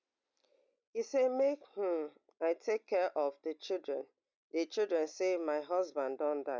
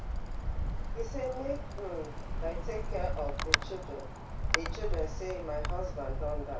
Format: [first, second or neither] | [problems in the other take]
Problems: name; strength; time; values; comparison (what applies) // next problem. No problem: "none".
first | background sound (Wind); 5 dB above the speech // room echo; dies away in 0.4 s